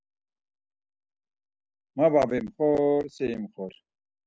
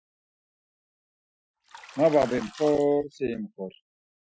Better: first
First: none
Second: noise reduction (classical method Wiener filter)

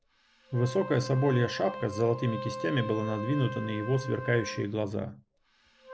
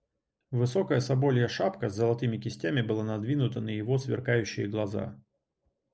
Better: second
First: background sound (Wind instrument, woodwind instrument); 11 dB below the speech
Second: none

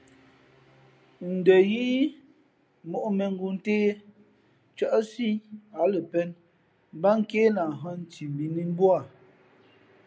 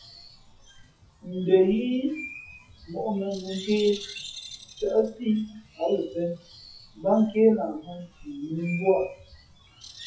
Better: first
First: none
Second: noise reduction (classical method WPE with log-MMSE)

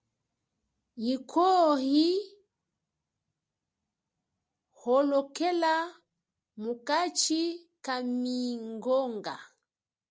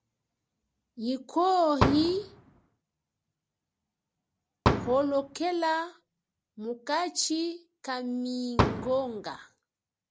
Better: first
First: none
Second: background sound (Fireworks); 1 dB above the speech

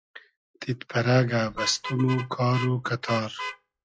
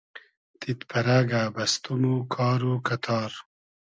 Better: second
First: noise reduction (classical method log-MMSE)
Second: none

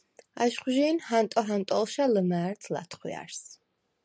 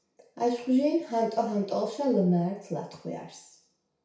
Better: first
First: none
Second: room echo; dies away in 0.6 s

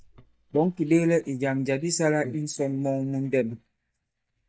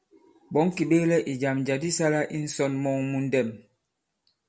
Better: second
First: noise reduction (neural mask model DeepFilterNet 3)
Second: none

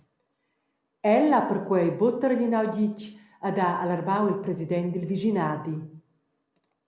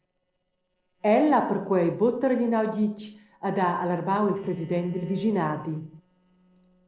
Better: first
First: none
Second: noise reduction (neural separator model SepFormer DNS4)

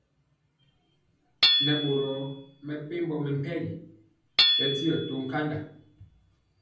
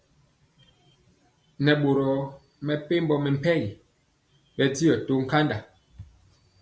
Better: second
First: background sound (Hammer / Chink, clink); 2 dB above the speech // room echo; dies away in 0.6 s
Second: none

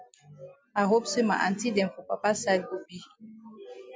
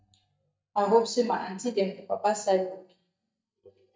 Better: first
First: none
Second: noise reduction (neural mask model DeepFilterNet 3)

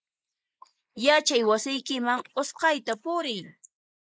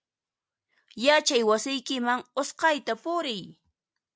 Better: second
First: noise reduction (neural mask model Resemble Enhance denoiser)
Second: none

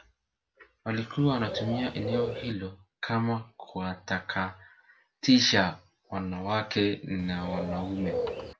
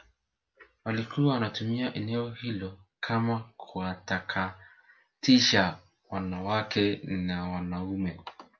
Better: second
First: background sound (Bird); 5 dB below the speech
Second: none

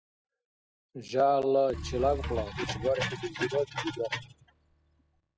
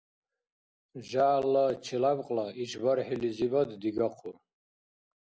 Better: second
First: noise reduction (classical method spectral subtraction)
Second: none

